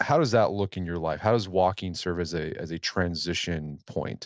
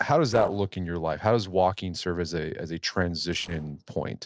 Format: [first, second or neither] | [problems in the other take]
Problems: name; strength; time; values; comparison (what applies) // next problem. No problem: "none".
first | noise reduction (neural separator model SepFormer DNS4)